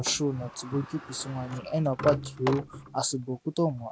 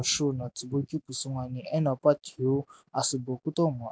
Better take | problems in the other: second | background sound (Sliding door); 10 dB below the speech

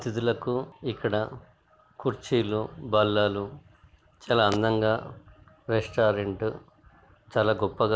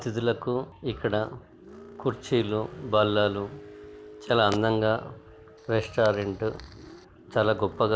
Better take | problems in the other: first | background sound (Car + Fire); 20 dB below the speech

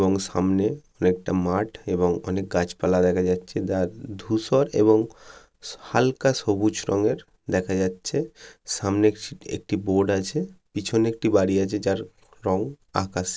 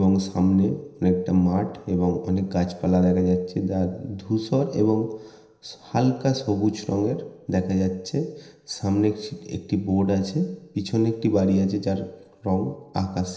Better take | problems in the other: first | room echo; dies away in 0.9 s

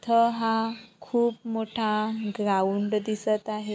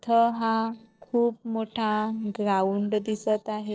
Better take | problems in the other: first | noise reduction (neural separator model SepFormer DNS4)

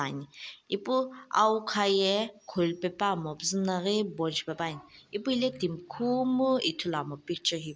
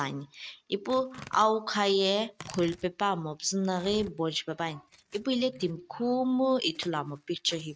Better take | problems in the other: first | noise reduction (neural mask model RNNoise)

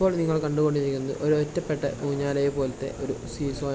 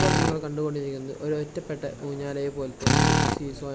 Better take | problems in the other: first | background sound (Drill); 3 dB above the speech

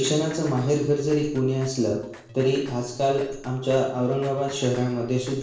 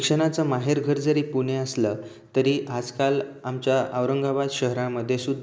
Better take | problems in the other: second | noise reduction (neural separator model SepFormer DNS4)

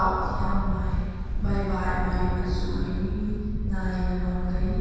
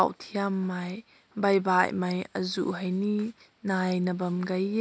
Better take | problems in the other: second | background sound (Wind); 3 dB above the speech // room echo; dies away in 2.1 s

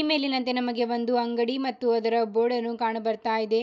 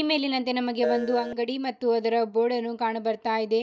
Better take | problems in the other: first | noise reduction (neural mask model DeepFilterNet 3)

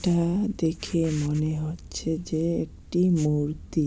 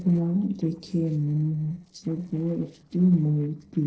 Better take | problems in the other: first | noise reduction (neural separator model SepFormer DNS4)

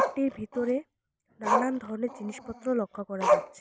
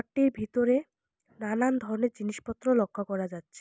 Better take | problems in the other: second | background sound (Growling); 1 dB above the speech

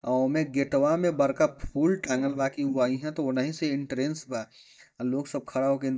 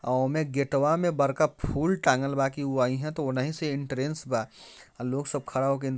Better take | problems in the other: second | noise reduction (neural mask model DeepFilterNet 3)

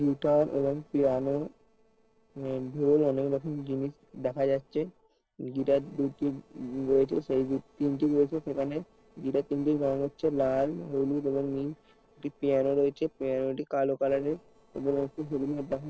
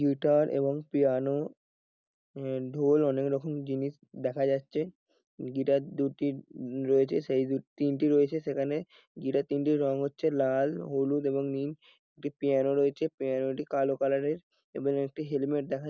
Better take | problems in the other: second | noise reduction (neural separator model SepFormer DNS4)

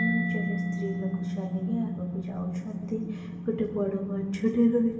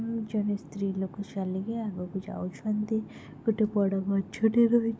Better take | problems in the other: second | background sound (Mallet percussion); 4 dB below the speech // room echo; dies away in 1 s

